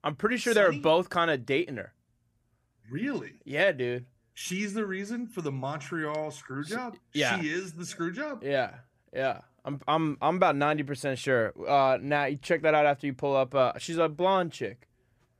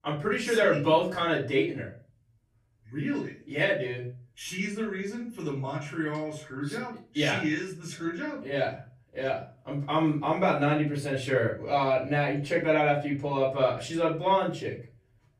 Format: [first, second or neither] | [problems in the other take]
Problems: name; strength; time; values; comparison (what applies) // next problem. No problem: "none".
first | off-mic speech; far // room echo; slight; dies away in 0.3 s